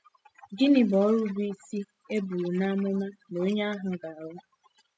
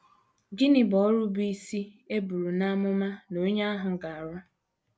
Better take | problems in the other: second | noise reduction (classical method spectral subtraction)

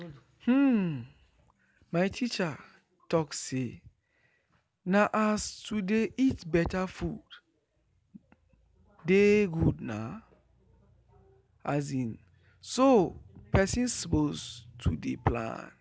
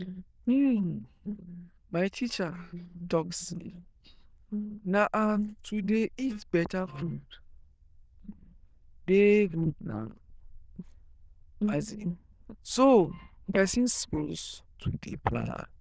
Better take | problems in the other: first | noise reduction (neural diffusion model UNIVERSE++)

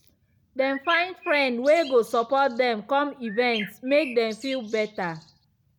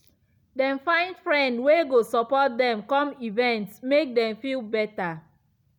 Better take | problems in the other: second | background sound (Bird); 15 dB below the speech

